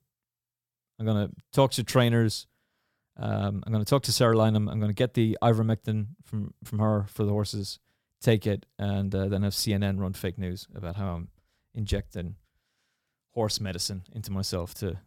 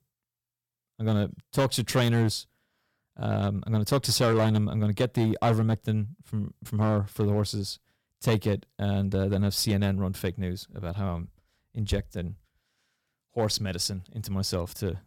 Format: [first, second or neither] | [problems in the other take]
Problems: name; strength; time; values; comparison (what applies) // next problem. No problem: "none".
first | distortion; slight; 4% of the sound clipped